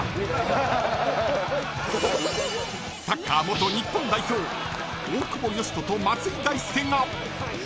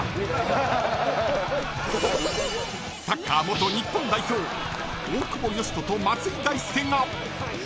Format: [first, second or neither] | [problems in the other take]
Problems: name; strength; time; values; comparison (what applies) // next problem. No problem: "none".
first | background sound (Knock); 17 dB below the speech